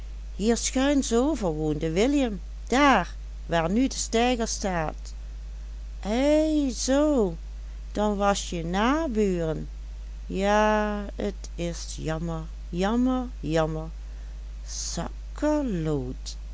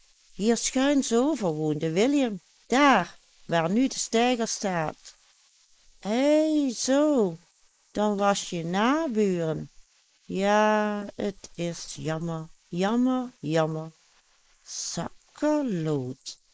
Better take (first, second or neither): first